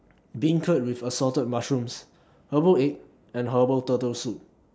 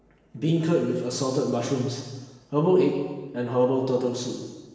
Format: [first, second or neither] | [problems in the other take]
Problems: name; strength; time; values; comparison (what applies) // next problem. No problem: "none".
first | room echo; dies away in 1.2 s